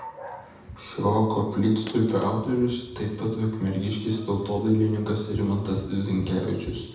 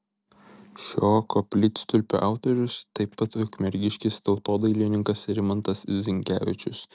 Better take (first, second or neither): second